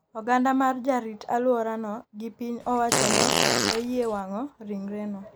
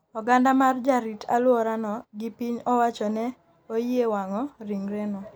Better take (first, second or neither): second